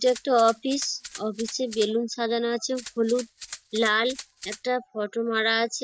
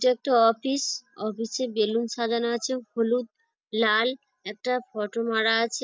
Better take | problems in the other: second | background sound (Rattle (instrument)); 16 dB below the speech

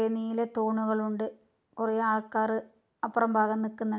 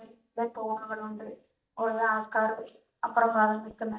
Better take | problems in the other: first | noise reduction (neural mask model DeepFilterNet 3)

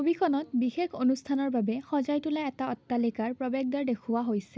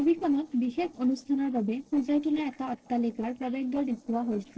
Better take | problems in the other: first | noise reduction (neural separator model SepFormer DNS4)

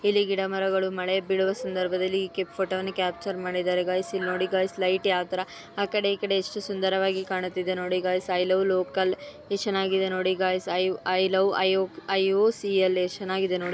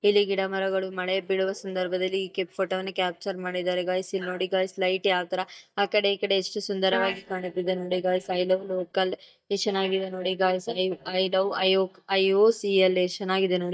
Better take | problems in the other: first | noise reduction (neural mask model DeepFilterNet 3)

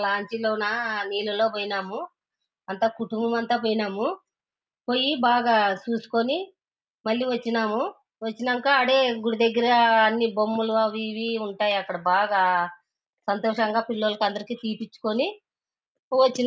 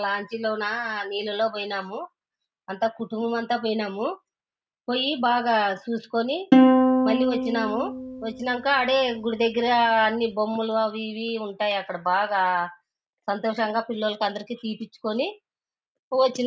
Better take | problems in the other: first | background sound (Plucked string instrument); 3 dB above the speech

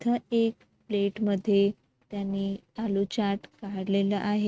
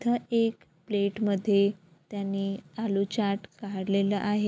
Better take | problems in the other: second | noise reduction (neural mask model RNNoise)

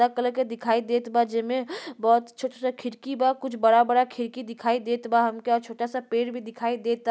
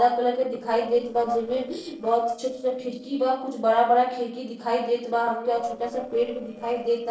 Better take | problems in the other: first | noise reduction (neural separator model SepFormer DNS4)

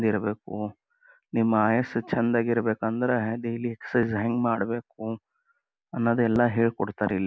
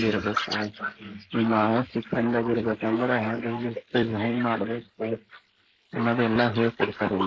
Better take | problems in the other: first | noise reduction (neural mask model Resemble Enhance denoiser)

